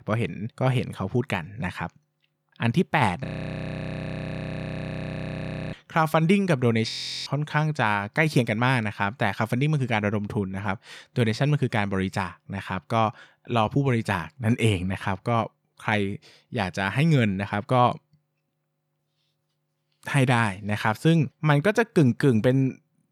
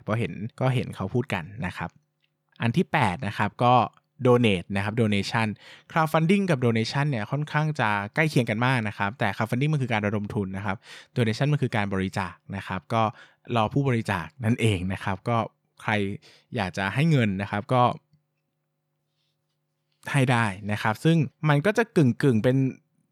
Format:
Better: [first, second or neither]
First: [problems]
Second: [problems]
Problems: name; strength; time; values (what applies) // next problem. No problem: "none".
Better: second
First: audio freezing; at 3.5 s for 2.5 s and at 7 s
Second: none